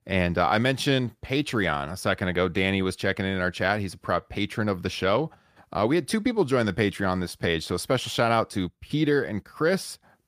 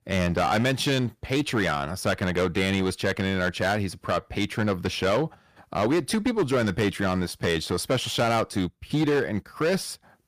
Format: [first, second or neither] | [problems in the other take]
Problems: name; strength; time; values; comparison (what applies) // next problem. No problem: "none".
first | distortion; slight; 9% of the sound clipped